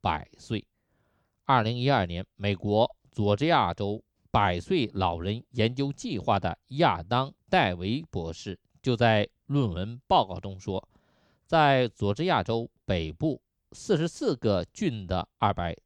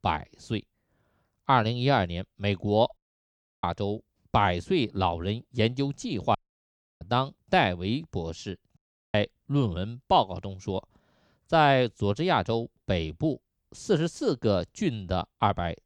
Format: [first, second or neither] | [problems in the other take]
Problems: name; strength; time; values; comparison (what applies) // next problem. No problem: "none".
first | audio cutting out; at 3 s for 0.5 s, at 6.5 s for 0.5 s and at 9 s